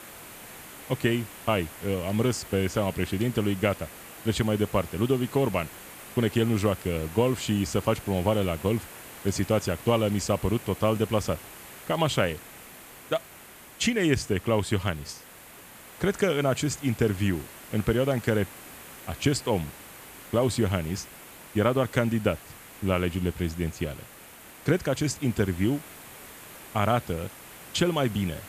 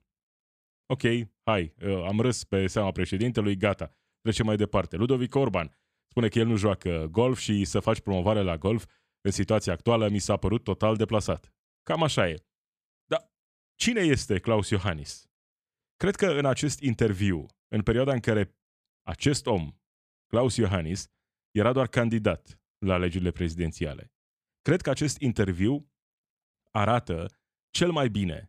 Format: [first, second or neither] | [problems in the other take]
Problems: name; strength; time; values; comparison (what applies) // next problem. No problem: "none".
second | hiss; noticeable; throughout; 15 dB below the speech